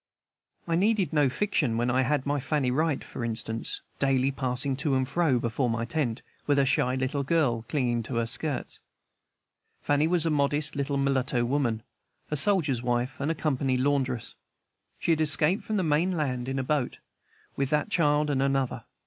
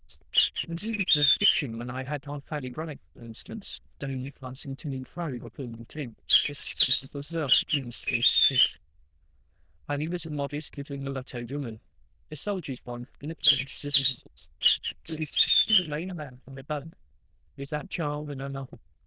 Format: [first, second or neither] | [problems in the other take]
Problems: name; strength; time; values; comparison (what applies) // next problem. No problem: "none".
first | noise reduction (neural diffusion model UNIVERSE++)